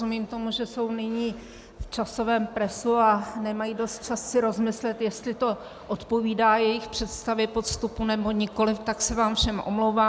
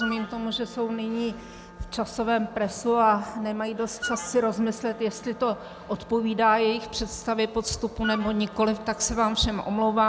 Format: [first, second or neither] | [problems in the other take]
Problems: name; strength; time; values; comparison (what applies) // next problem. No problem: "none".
first | background sound (Wind instrument, woodwind instrument); 16 dB below the speech